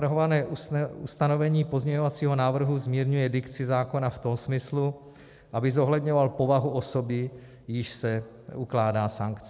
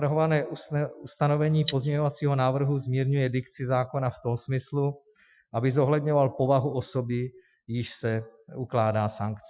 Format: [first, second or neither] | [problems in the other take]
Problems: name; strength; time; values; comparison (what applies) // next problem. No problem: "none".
first | noise reduction (classical method Wiener filter)